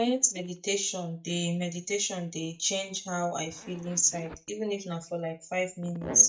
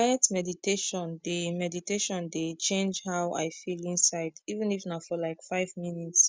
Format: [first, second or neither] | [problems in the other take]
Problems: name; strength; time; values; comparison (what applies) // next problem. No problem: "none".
second | noise reduction (neural mask model DeepFilterNet 3)